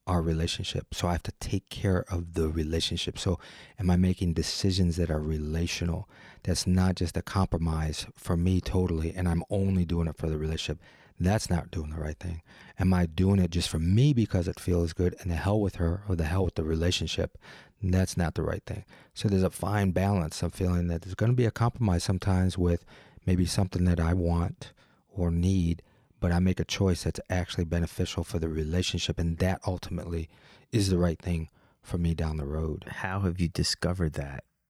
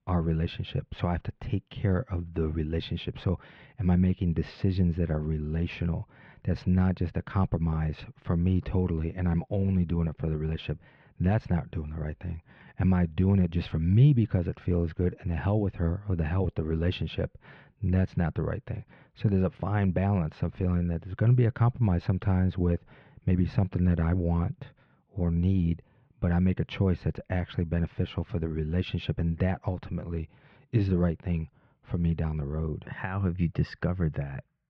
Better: first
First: none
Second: muffled; very; fading above 3 kHz

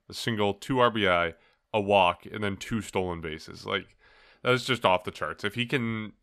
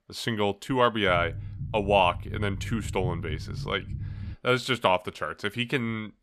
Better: first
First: none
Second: low rumble; faint; from 1 to 4.5 s; 25 dB below the speech

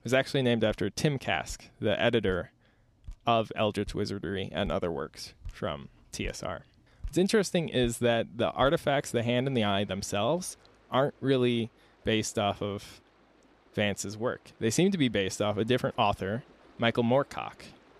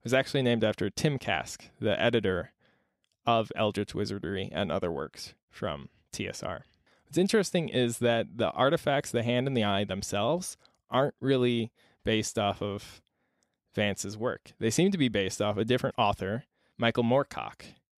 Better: second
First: rain or running water; faint; throughout; 25 dB below the speech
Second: none

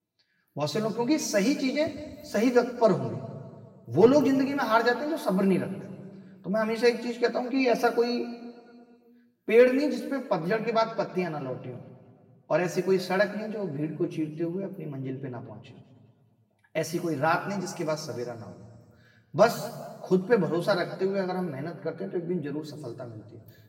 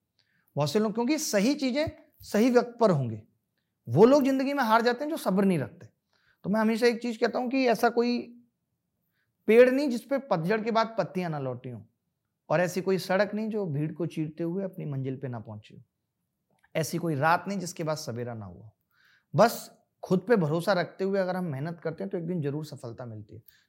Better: second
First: room echo; slight; dies away in 1.3 s // off-mic speech; far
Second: none

